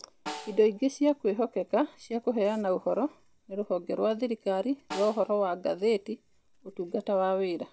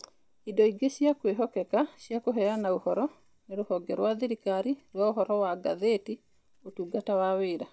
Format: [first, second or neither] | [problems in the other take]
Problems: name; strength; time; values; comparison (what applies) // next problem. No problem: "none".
second | background sound (Snare drum); 18 dB below the speech